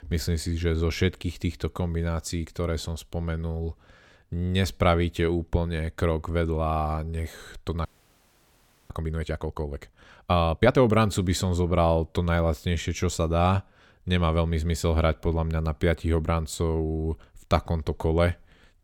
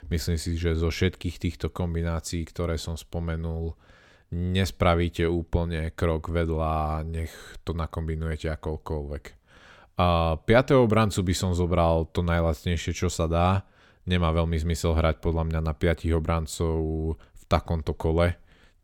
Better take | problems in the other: second | audio freezing; at 8 s for 1 s

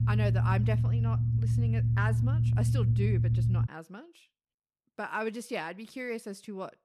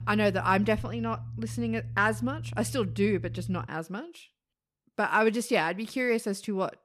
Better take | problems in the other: second | low rumble; loud; until 3.5 s; 3 dB below the speech; faint in the second

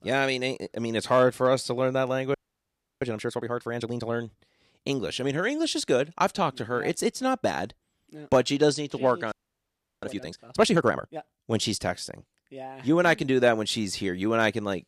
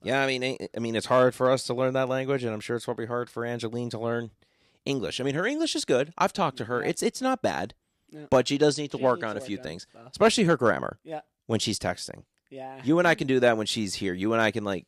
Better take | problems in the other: second | audio freezing; at 2.5 s for 0.5 s and at 9.5 s for 0.5 s

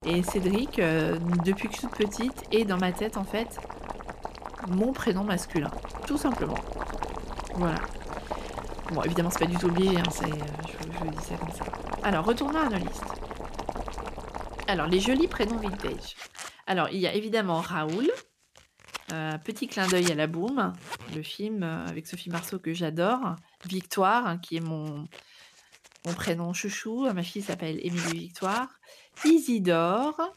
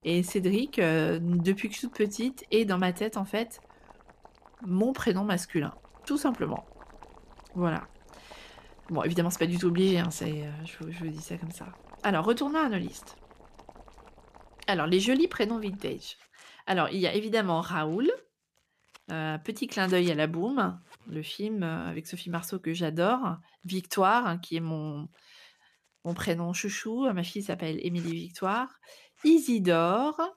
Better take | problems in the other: second | household noises; loud; throughout; 9 dB below the speech; faint in the second

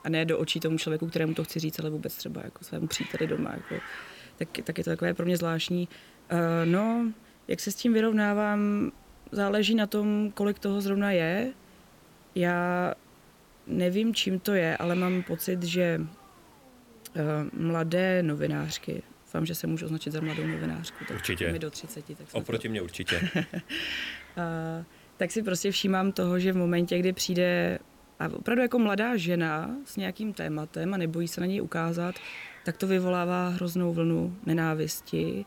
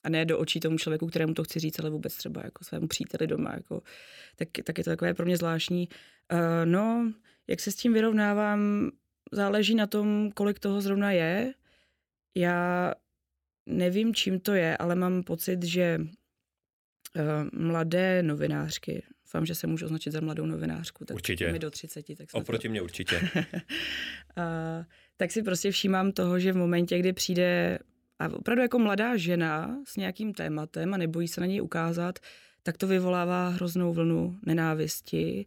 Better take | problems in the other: second | hiss; noticeable; throughout; 20 dB below the speech

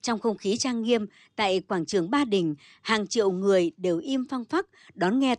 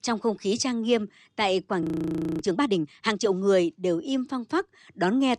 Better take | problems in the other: first | audio freezing; at 2 s for 0.5 s

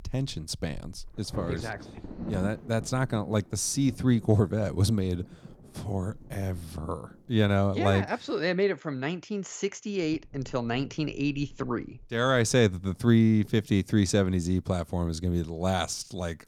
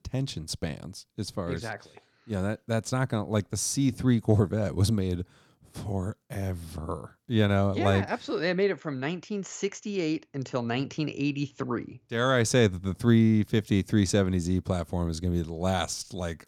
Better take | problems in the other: second | wind noise on the microphone; occasional gusts; until 7.5 s and from 10 s on; 20 dB below the speech

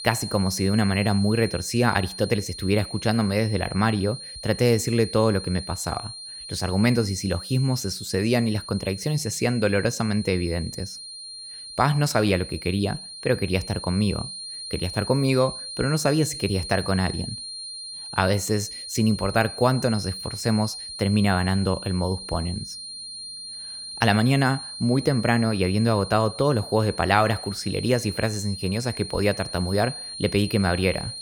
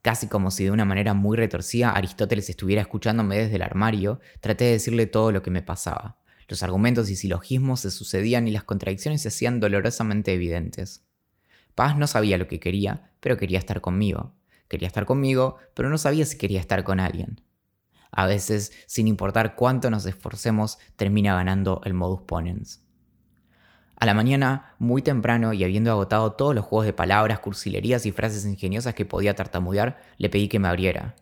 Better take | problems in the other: second | high-pitched whine; noticeable; throughout; 4 kHz, 10 dB below the speech

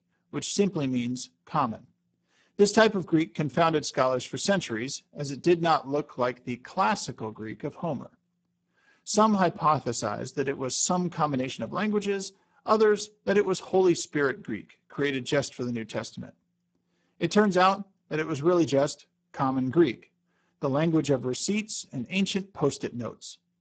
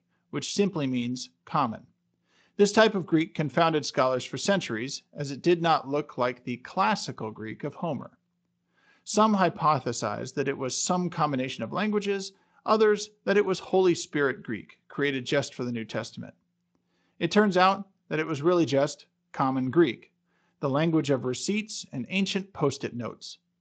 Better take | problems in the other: second | garbled, watery; badly; nothing above 8 kHz; slightly in the second

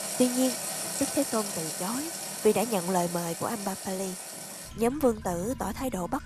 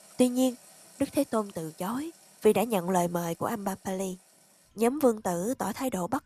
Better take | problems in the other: second | household noises; loud; throughout; 4 dB below the speech; faint in the second

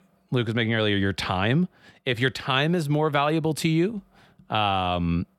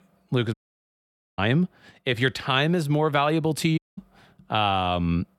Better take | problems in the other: first | audio cutting out; at 0.5 s for 1 s and at 4 s

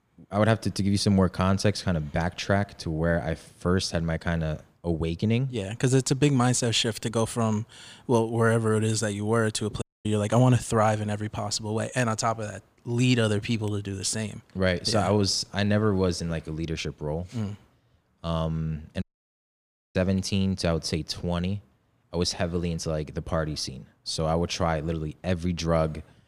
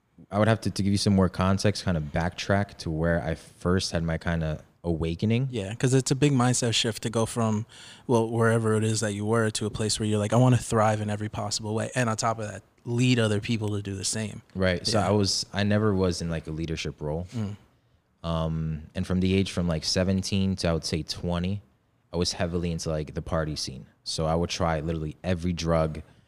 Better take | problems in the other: second | audio cutting out; at 10 s and at 19 s for 1 s

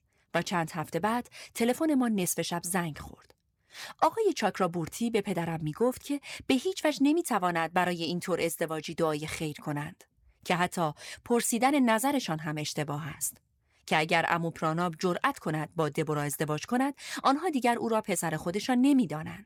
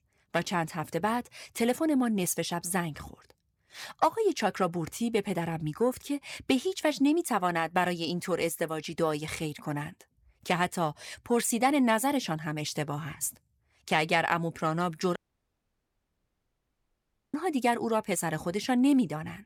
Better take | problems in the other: first | audio cutting out; at 15 s for 2 s

